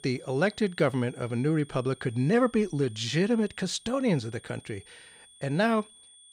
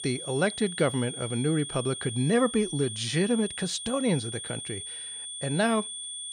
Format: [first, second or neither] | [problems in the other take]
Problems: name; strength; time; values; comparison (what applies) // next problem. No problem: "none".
first | high-pitched whine; loud; throughout; 3.5 kHz, 7 dB below the speech; faint in the first